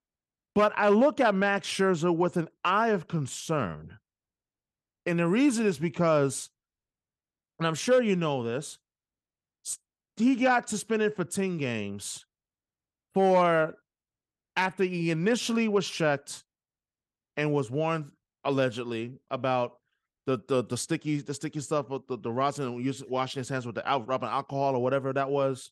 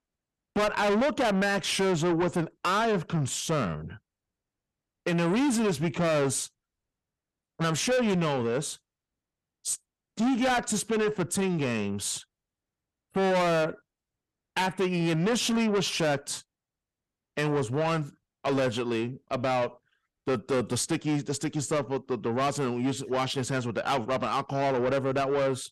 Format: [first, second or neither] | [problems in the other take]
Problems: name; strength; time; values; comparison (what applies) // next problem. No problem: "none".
first | distortion; heavy; 7 dB below the speech